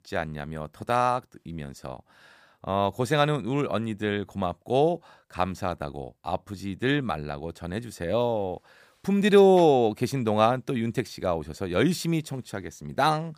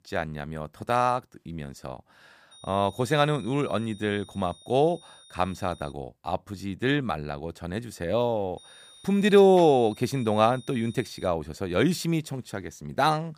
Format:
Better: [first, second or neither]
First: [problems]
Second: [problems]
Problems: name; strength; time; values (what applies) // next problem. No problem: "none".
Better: first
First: none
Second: high-pitched whine; faint; from 2.5 to 6 s and from 8.5 to 11 s; 3.5 kHz, 25 dB below the speech